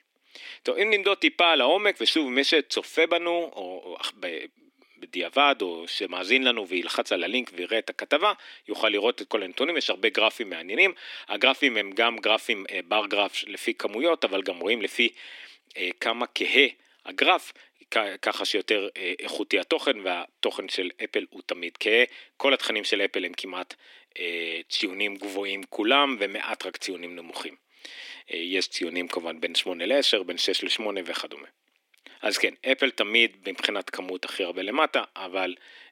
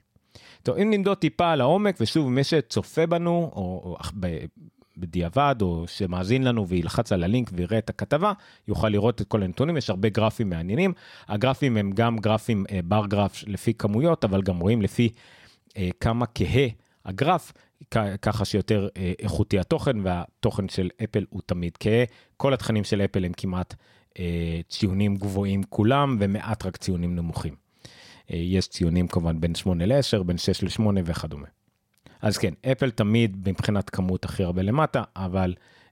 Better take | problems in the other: second | thin; somewhat; fading below 250 Hz

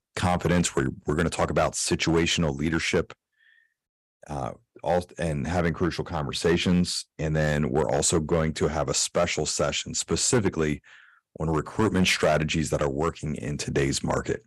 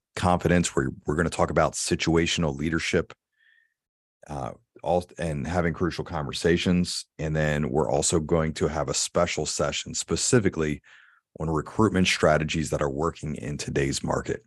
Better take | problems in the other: second | distortion; slight; 3% of the sound clipped

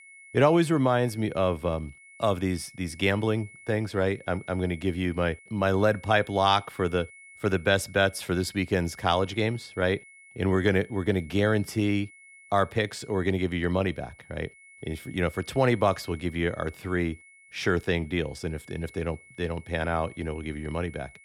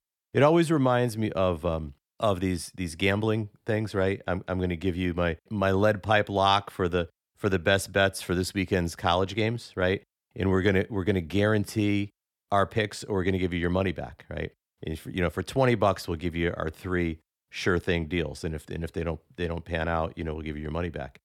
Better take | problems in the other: second | high-pitched whine; faint; throughout; 2 kHz, 20 dB below the speech

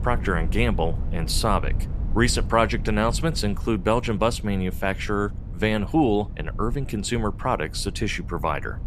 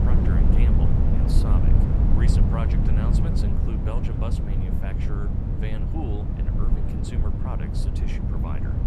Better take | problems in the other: first | wind noise on the microphone; heavy; 4 dB above the speech; occasional gusts in the first

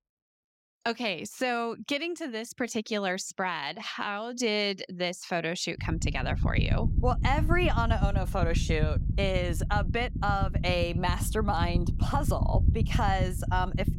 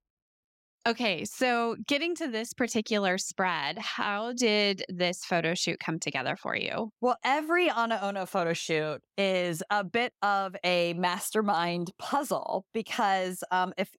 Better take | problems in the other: second | low rumble; noticeable; from 6 s on; 10 dB below the speech

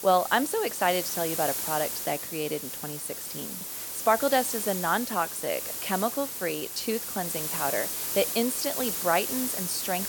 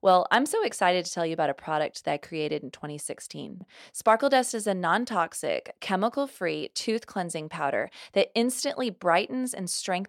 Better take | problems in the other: second | hiss; loud; throughout; 2 dB below the speech

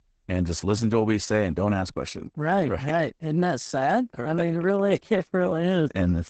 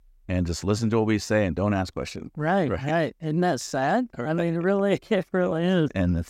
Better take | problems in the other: second | garbled, watery; badly; nothing above 8 kHz

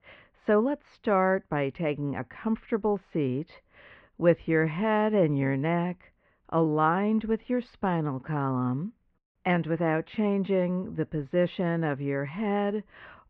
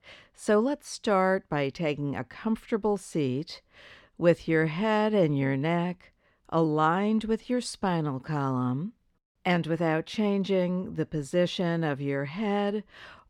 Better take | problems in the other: second | muffled; very; fading above 2.5 kHz

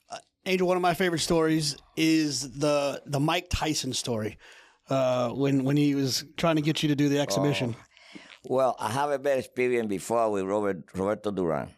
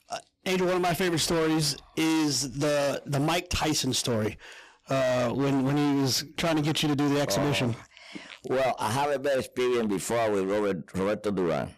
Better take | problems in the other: first | distortion; heavy; 27% of the sound clipped

